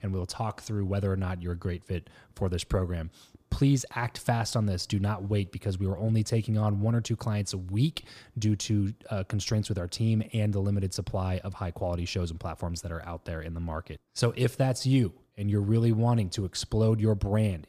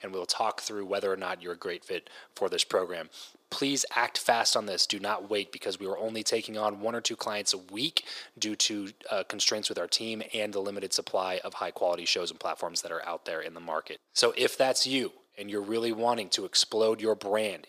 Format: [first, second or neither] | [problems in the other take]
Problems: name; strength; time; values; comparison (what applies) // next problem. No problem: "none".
first | thin; very; fading below 400 Hz